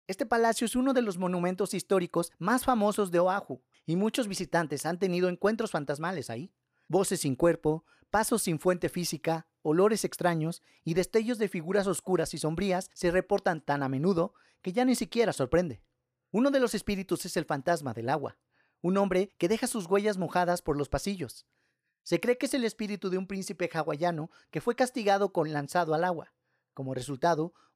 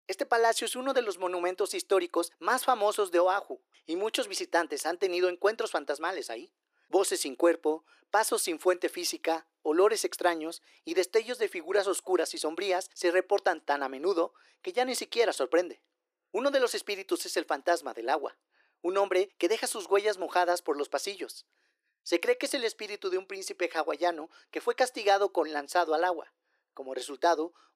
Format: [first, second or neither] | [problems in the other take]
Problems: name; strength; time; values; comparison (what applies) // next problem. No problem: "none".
first | thin; very; fading below 350 Hz